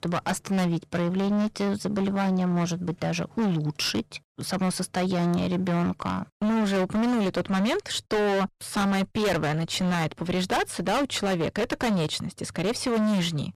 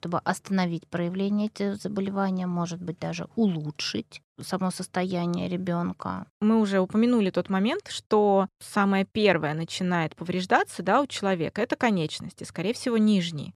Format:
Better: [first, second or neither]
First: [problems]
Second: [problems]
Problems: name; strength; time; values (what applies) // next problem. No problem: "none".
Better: second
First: distortion; heavy; 28% of the sound clipped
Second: none